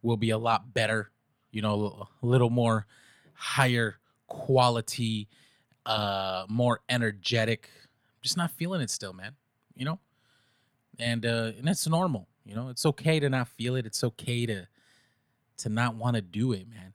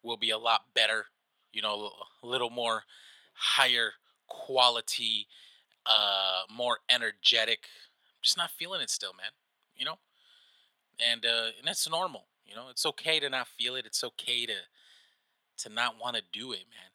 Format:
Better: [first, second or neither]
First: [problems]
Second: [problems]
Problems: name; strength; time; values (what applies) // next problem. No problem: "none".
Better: first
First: none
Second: thin; very; fading below 650 Hz